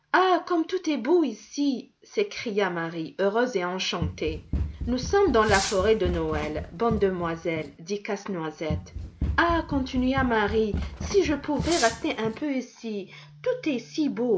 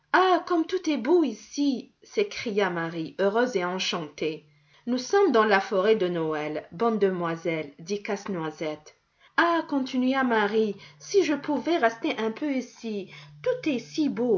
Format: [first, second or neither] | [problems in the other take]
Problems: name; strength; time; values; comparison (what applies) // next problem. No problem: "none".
second | background sound (Run + Fireworks); 7 dB below the speech